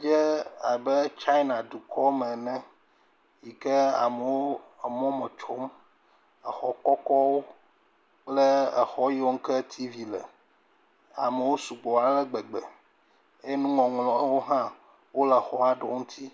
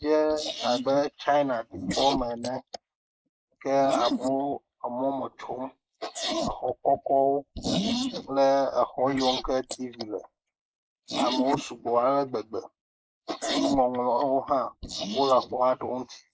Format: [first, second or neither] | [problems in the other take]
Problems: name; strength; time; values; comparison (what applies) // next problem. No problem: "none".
first | noise reduction (neural mask model Resemble Enhance denoiser)